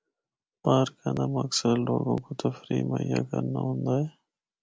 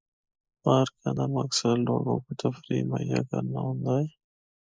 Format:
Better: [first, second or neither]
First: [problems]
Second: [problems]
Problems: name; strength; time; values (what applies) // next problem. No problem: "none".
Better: first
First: none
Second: noise reduction (neural mask model Resemble Enhance denoiser)